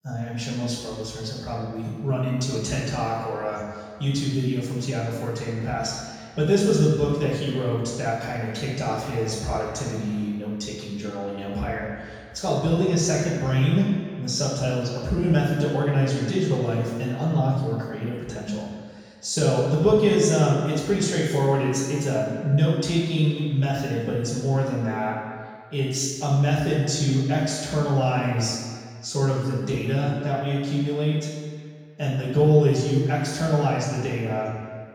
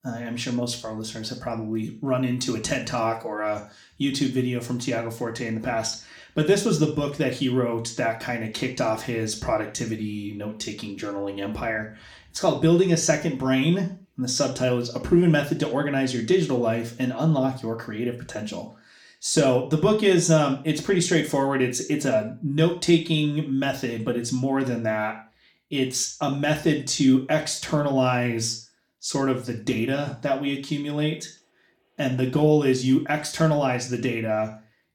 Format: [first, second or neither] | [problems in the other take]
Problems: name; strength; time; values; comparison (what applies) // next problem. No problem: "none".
second | room echo; strong; dies away in 1.6 s; slight in the second // off-mic speech; far; somewhat distant in the second